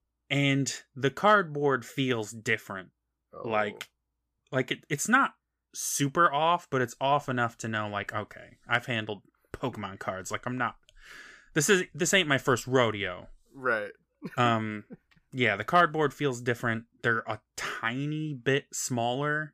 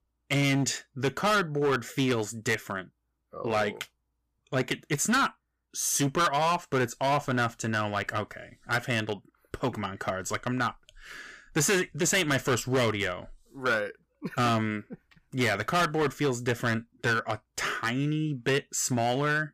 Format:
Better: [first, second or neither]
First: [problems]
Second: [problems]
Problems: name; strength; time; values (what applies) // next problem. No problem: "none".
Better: first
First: none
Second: distortion; heavy; 9% of the sound clipped